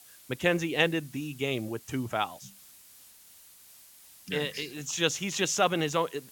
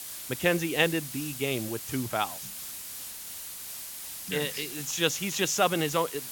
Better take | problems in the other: first | hiss; loud; throughout; 8 dB below the speech; faint in the first

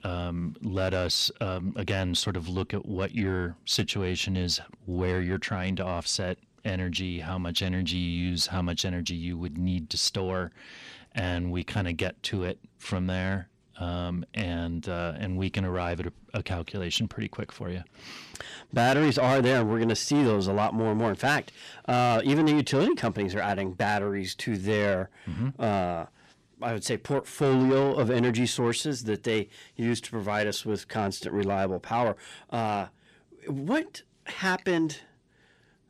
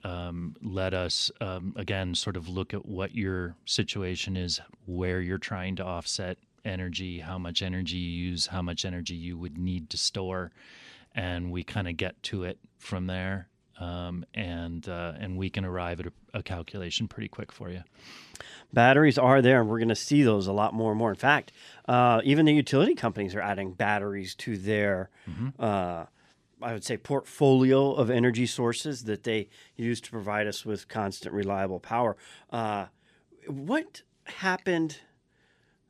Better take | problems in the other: second | distortion; heavy; 8 dB below the speech

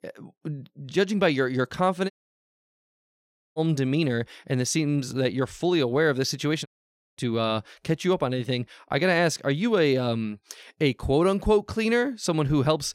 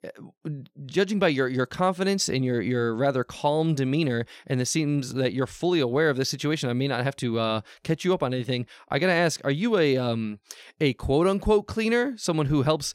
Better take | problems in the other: second | audio cutting out; at 2 s for 1.5 s and at 6.5 s for 0.5 s

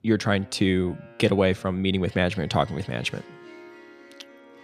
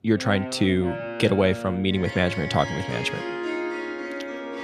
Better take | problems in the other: first | background music; loud; throughout; 8 dB below the speech; faint in the first

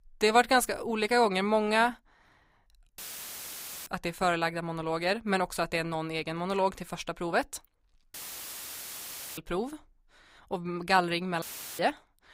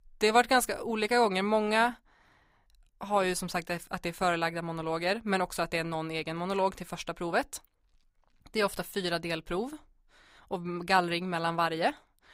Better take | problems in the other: second | audio cutting out; filled with static; at 3 s for 1 s, at 8 s for 1 s and at 11 s

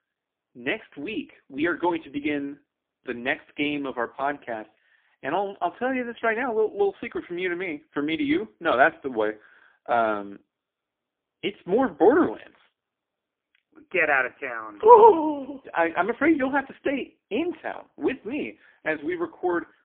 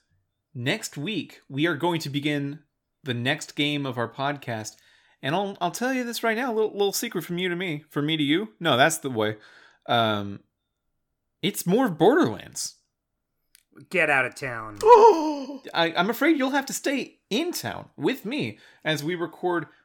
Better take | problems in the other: second | phone-call audio; poor line

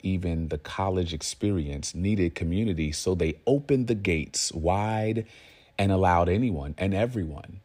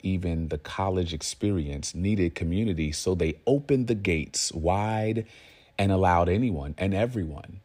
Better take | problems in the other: neither | none

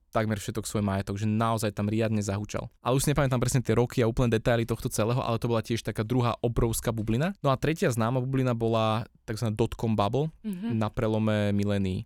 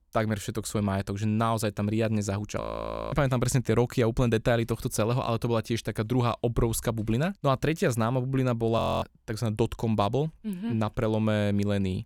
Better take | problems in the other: first | audio freezing; at 2.5 s for 0.5 s and at 9 s

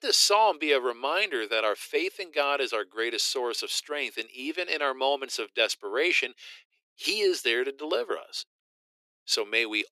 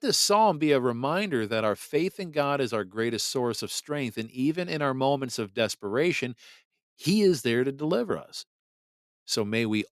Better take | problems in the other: second | thin; very; fading below 350 Hz

